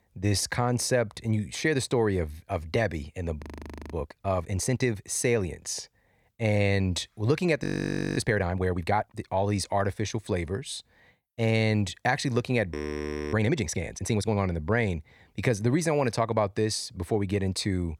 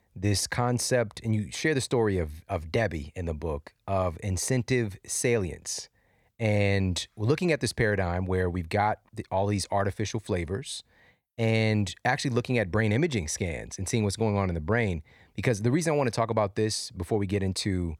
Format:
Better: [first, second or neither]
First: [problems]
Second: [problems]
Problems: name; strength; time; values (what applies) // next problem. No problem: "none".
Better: second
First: audio freezing; at 3.5 s for 0.5 s, at 7.5 s for 0.5 s and at 13 s for 0.5 s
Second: none